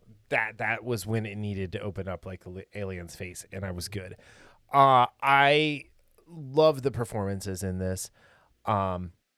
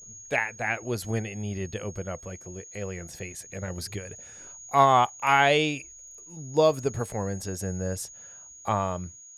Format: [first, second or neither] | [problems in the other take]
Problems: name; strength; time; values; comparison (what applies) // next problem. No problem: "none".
first | high-pitched whine; noticeable; throughout; 6.5 kHz, 15 dB below the speech